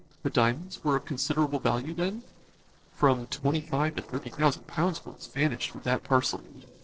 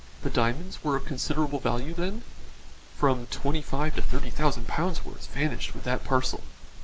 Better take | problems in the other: second | noise reduction (neural separator model SepFormer DNS4)

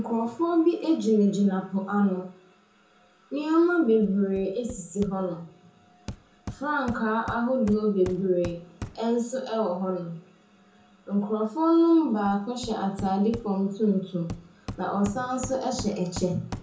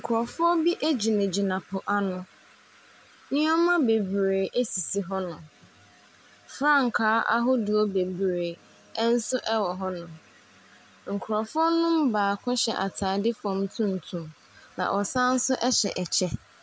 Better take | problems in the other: second | background sound (Hammer); 17 dB below the speech // room echo; dies away in 0.6 s

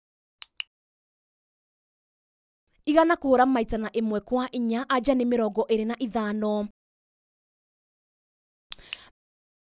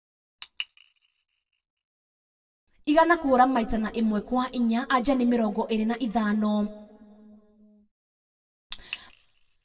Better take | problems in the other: first | room echo; dies away in 1.2 s

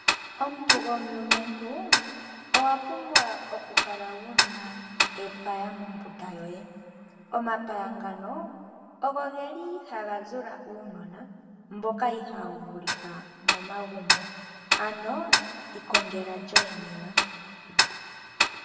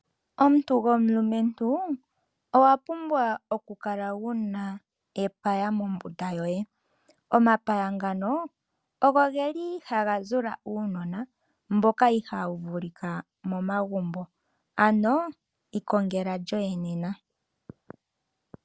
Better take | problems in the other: second | background sound (Tick-tock); 4 dB above the speech // room echo; dies away in 1.9 s

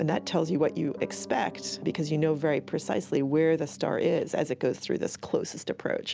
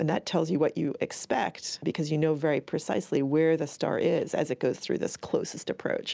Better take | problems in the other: second | background sound (Piano); 18 dB below the speech

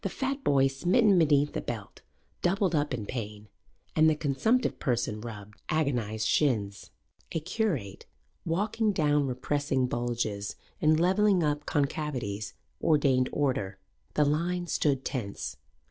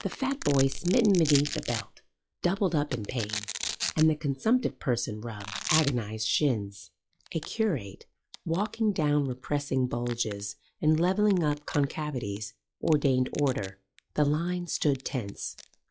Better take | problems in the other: first | noise reduction (classical method log-MMSE)

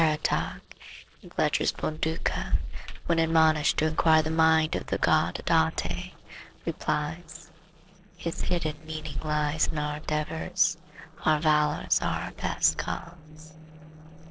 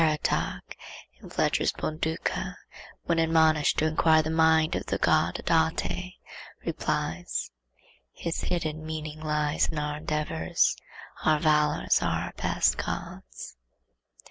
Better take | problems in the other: second | noise reduction (neural separator model SepFormer DNS4)

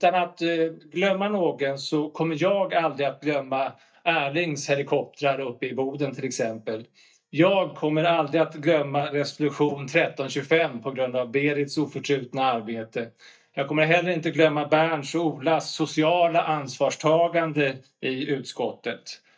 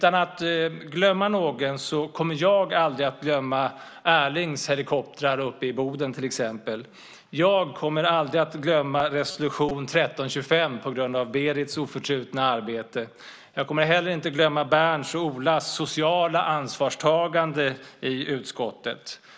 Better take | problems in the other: second | noise reduction (neural mask model DeepFilterNet 3)

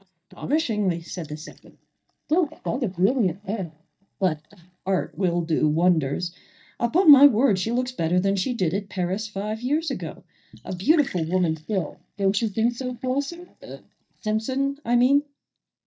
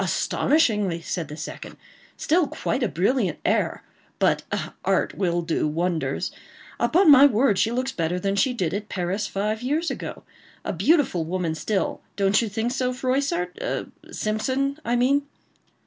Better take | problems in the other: second | noise reduction (neural mask model DeepFilterNet 3)

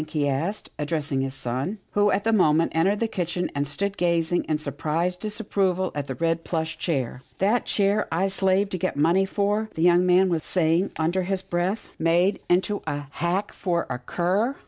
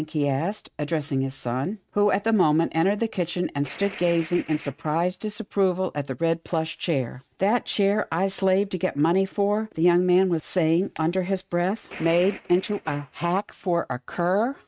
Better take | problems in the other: first | noise reduction (neural mask model RNNoise)

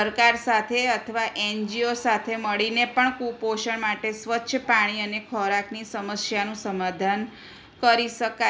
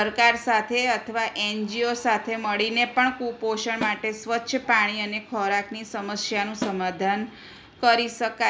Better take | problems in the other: first | background sound (Snare drum); 13 dB below the speech

